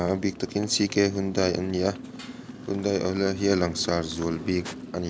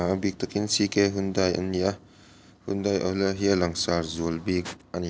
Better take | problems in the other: second | background sound (Motorcycle); 14 dB below the speech

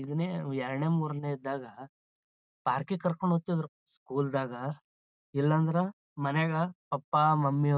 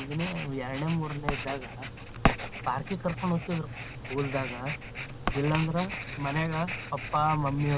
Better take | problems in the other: first | background sound (Writing); 4 dB below the speech

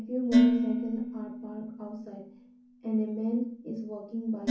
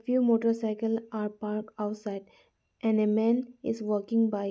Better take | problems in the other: second | background sound (Dishes, pots, and pans); 2 dB above the speech // room echo; dies away in 0.6 s

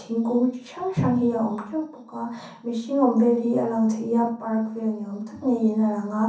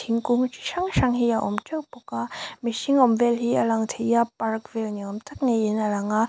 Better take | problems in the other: second | room echo; dies away in 0.6 s

